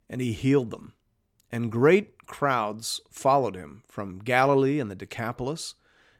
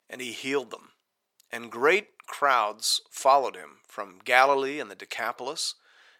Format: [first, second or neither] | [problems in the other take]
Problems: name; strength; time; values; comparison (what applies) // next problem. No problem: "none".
first | thin; very; fading below 650 Hz